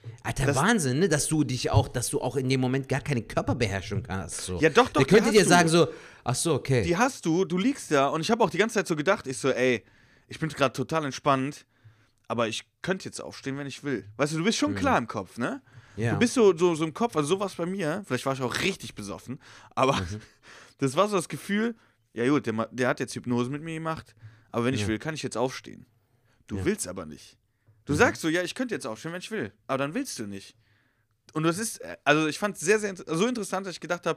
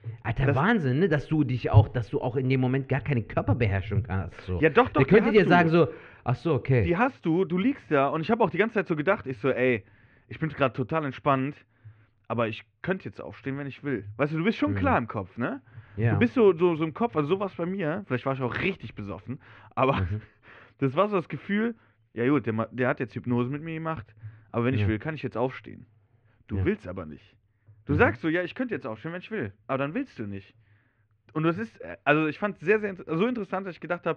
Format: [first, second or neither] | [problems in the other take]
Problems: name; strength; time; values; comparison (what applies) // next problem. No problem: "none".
first | muffled; very; fading above 2.5 kHz